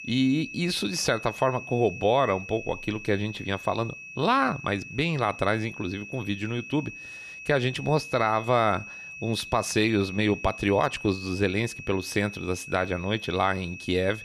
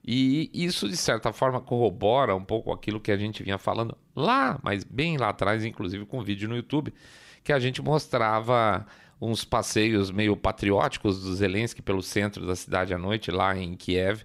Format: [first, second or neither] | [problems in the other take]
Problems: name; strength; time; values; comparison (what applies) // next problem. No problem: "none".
second | high-pitched whine; noticeable; throughout; 2.5 kHz, 10 dB below the speech